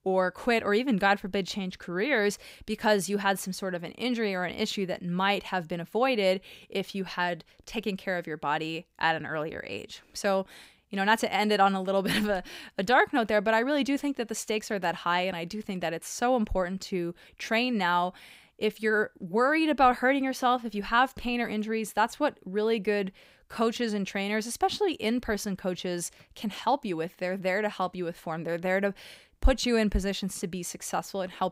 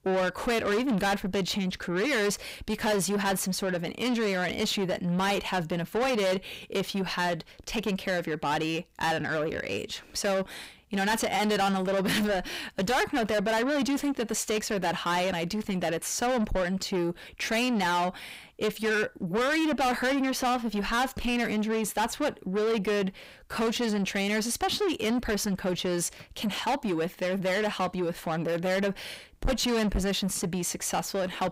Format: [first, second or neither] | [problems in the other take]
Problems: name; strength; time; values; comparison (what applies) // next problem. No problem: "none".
first | distortion; heavy; 6 dB below the speech